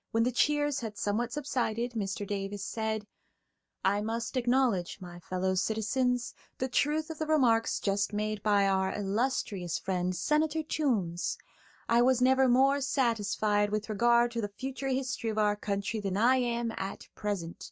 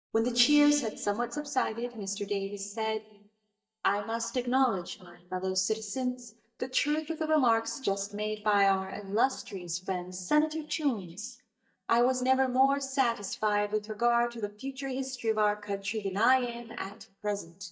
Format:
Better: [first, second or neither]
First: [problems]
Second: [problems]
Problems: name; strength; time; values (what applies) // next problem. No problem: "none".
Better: first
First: none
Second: noise reduction (neural mask model DeepFilterNet 3)